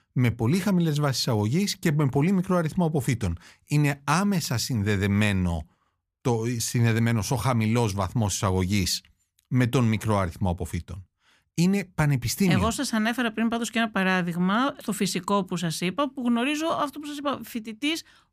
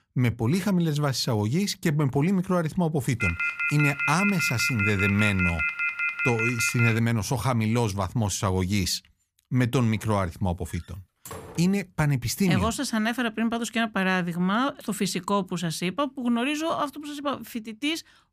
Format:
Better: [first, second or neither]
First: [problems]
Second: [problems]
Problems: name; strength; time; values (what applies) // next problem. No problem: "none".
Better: first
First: none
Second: phone ringing; loud; from 3 to 7 s; peak 1 dB above the speech // door banging; faint; from 11 to 12 s; peak 15 dB below the speech